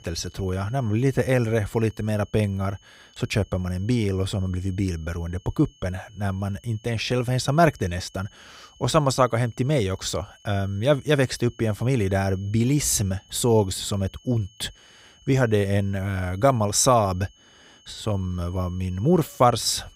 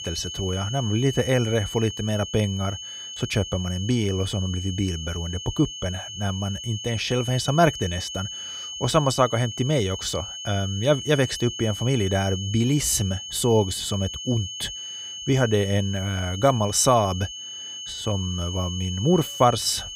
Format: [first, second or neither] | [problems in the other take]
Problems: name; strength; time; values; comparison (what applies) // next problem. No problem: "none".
first | high-pitched whine; loud; throughout; 3 kHz, 8 dB below the speech; faint in the first